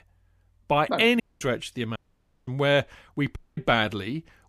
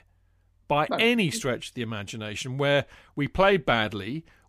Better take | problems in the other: second | audio cutting out; at 1 s, at 2 s for 0.5 s and at 3.5 s

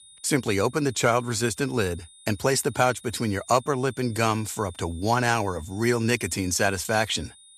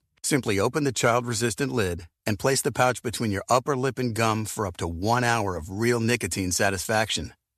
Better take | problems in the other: second | high-pitched whine; faint; throughout; 9.5 kHz, 25 dB below the speech

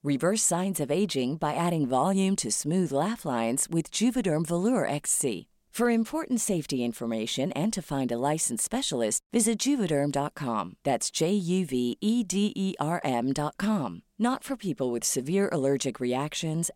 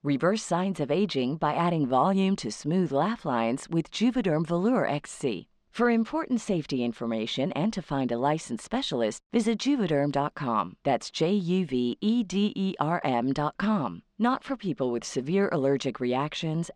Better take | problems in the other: first | muffled; slightly; fading above 4.5 kHz

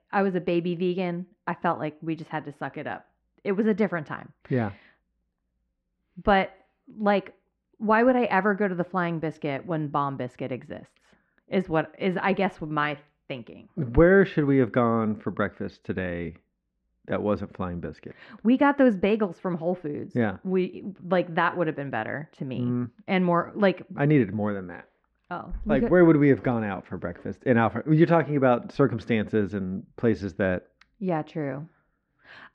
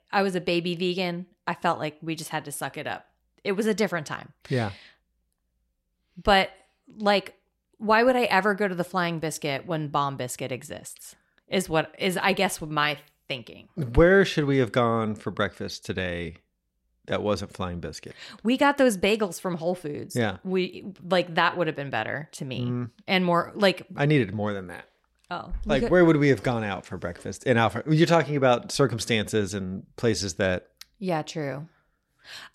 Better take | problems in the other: second | muffled; very; fading above 1.5 kHz

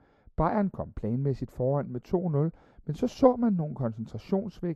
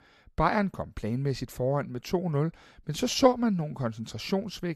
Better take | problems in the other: second | muffled; very; fading above 1.5 kHz

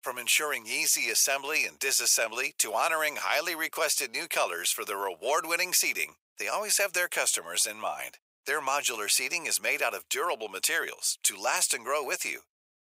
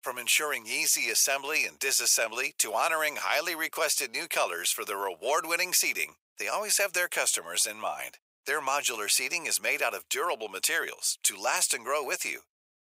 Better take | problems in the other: neither | thin; very; fading below 500 Hz; the same in both

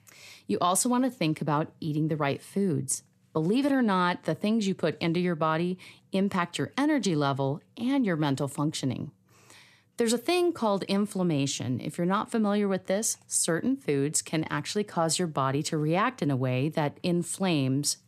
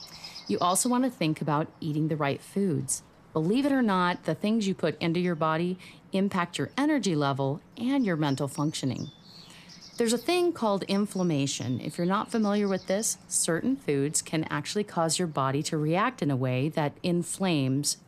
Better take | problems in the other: first | animal sounds; faint; throughout; 25 dB below the speech

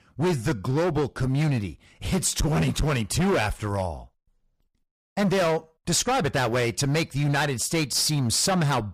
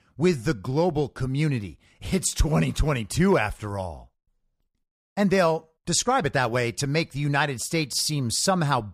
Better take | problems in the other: second | distortion; heavy; 16% of the sound clipped

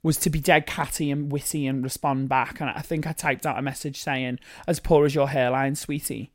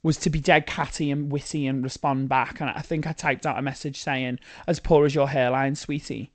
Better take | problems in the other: first | garbled, watery; slightly; nothing above 8 kHz

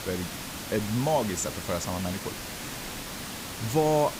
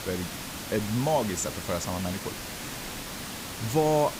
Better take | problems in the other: neither | hiss; loud; throughout; 7 dB below the speech; the same in both

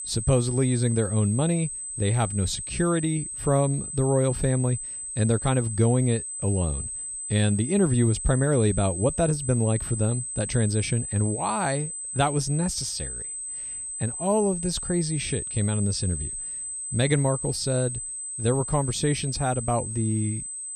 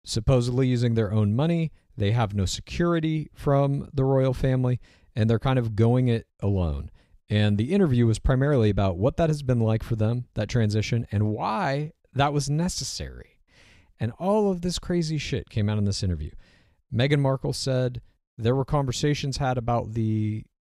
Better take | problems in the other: second | high-pitched whine; loud; throughout; 8 kHz, 6 dB below the speech

